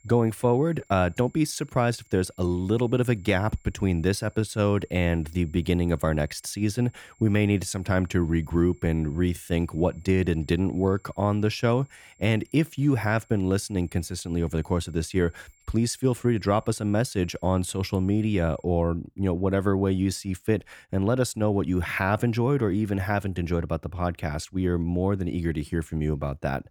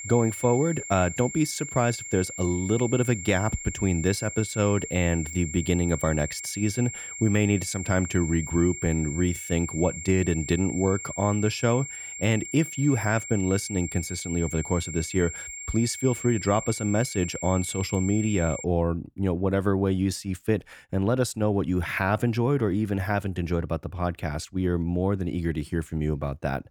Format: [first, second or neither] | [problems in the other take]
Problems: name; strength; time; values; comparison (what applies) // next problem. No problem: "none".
first | high-pitched whine; loud; until 19 s; 7.5 kHz, 9 dB below the speech; faint in the first